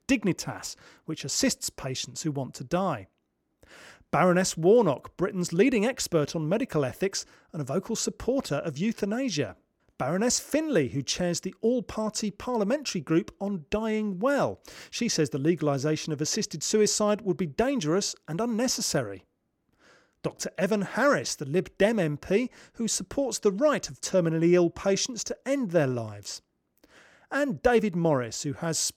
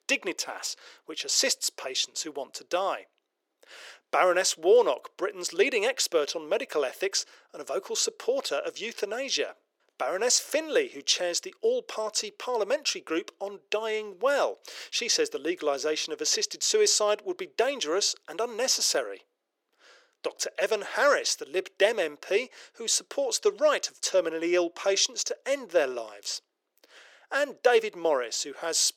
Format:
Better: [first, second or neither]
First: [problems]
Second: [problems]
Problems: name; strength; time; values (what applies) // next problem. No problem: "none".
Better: first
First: none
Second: thin; very; fading below 400 Hz